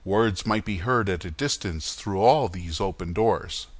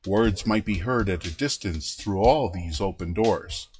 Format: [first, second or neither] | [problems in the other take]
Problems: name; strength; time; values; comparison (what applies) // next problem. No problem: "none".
first | noise reduction (classical method WPE with log-MMSE)